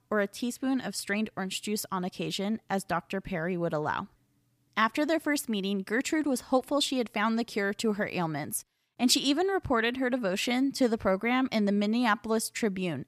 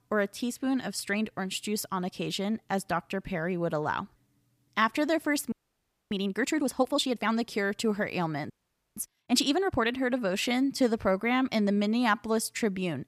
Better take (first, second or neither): first